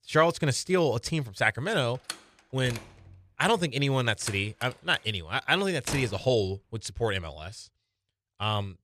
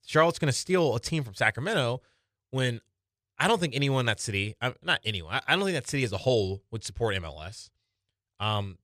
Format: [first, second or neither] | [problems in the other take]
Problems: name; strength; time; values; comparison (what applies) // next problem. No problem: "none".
second | door banging; noticeable; from 2 to 6 s; peak 8 dB below the speech